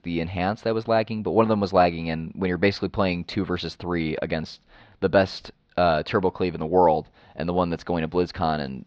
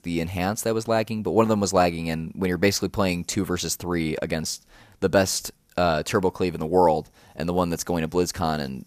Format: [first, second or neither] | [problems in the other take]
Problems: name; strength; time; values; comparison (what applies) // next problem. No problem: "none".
second | muffled; slightly; fading above 4 kHz